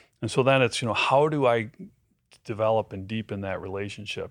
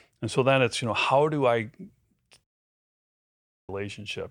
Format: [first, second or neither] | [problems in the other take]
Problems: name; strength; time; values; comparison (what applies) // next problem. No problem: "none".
first | audio cutting out; at 2.5 s for 1.5 s